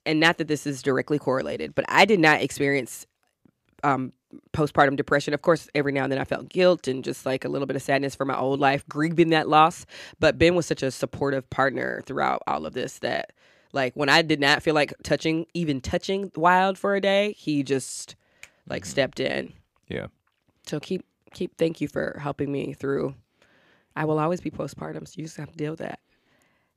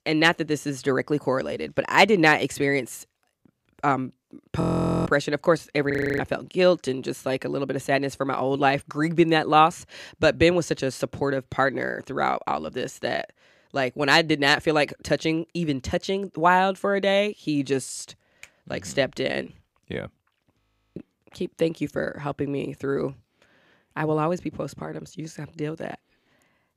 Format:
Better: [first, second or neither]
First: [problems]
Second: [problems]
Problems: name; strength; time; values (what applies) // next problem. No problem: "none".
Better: first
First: none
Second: audio freezing; at 4.5 s, at 6 s and at 21 s